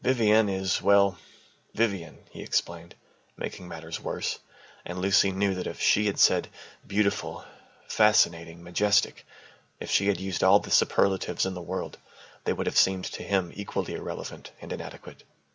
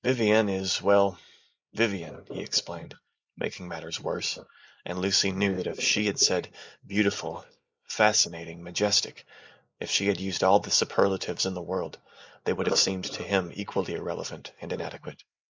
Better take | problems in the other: first | noise reduction (neural mask model Resemble Enhance denoiser)

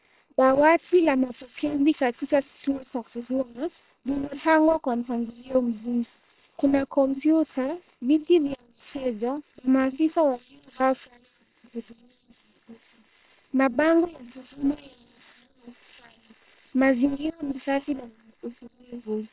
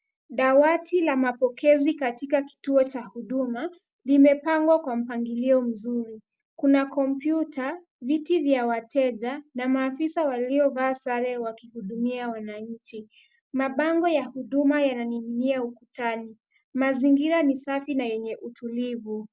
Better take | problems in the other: second | noise reduction (neural separator model SepFormer WHAM!)

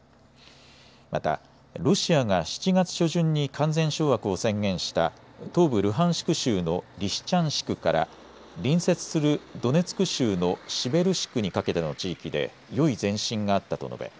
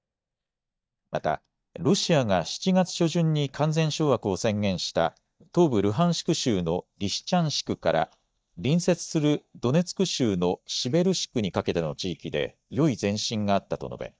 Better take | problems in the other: first | noise reduction (neural mask model DeepFilterNet 3)

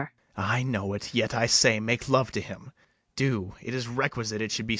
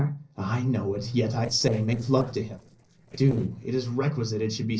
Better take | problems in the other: first | noise reduction (neural separator model SepFormer DNS4)

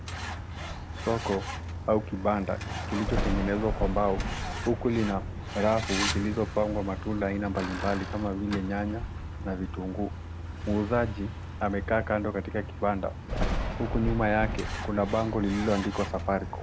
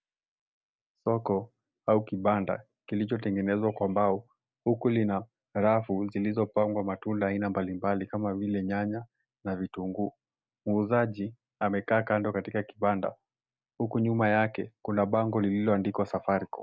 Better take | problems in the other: second | background sound (Truck + Thunder); 4 dB below the speech

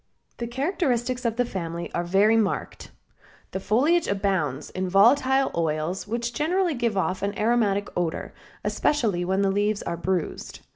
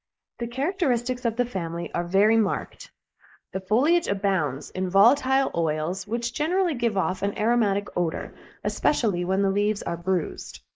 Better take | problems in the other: first | noise reduction (neural mask model Resemble Enhance denoiser)

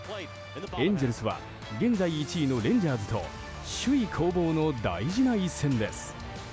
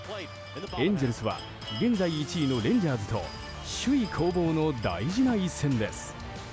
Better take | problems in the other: first | background sound (Bell); 19 dB below the speech

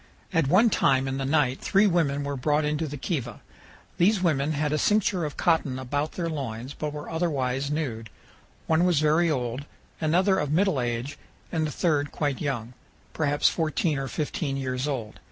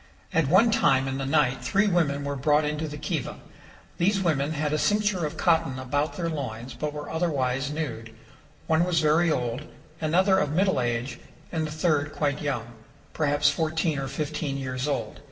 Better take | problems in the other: first | room echo; dies away in 1.5 s

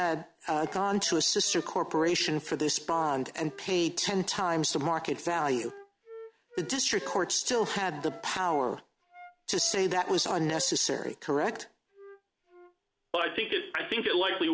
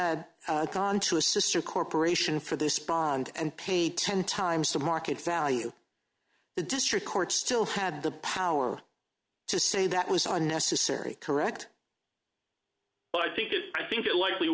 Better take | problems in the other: second | background sound (Wind instrument, woodwind instrument); 20 dB below the speech

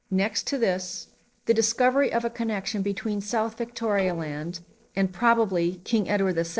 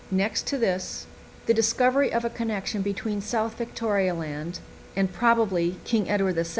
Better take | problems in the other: second | noise reduction (neural separator model SepFormer DNS4)

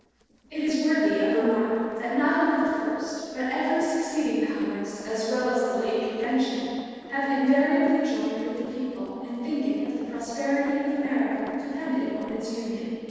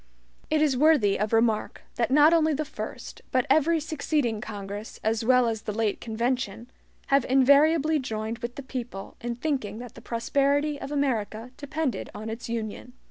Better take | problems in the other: second | noise reduction (neural separator model SepFormer DNS4)

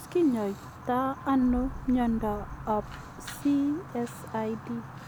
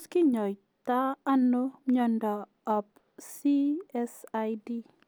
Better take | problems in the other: second | background sound (Boom + Fire); 12 dB below the speech

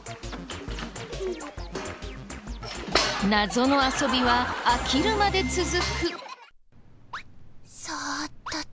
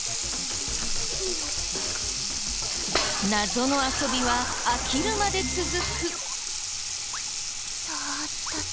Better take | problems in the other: first | background sound (Sink (filling or washing) / Water tap, faucet); as loud as the speech

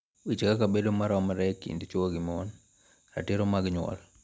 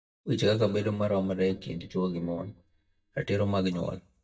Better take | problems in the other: first | noise reduction (neural mask model DeepFilterNet 3)

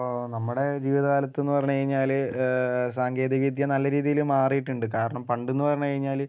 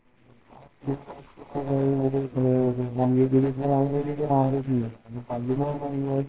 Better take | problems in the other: first | noise reduction (neural separator model SepFormer WHAMR!)

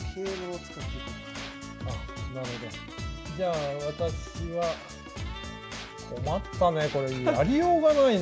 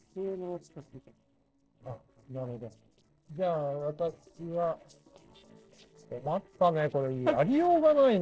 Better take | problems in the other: first | noise reduction (neural separator model SepFormer DNS4)

